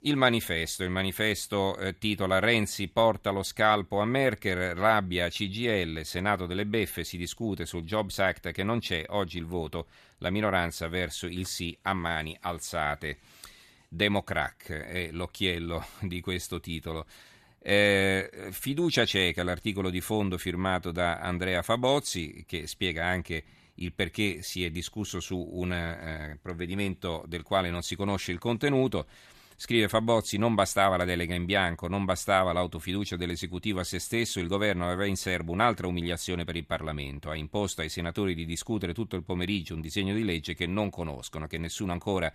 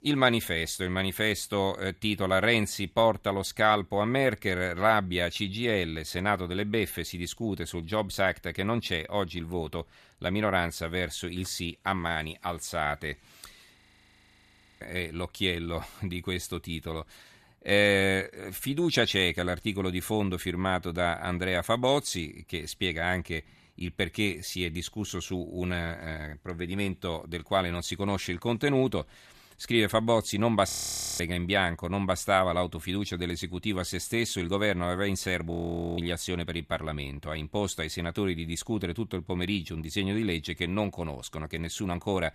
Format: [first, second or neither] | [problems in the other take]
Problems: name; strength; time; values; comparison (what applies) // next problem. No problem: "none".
first | audio freezing; at 14 s for 1 s, at 31 s for 0.5 s and at 36 s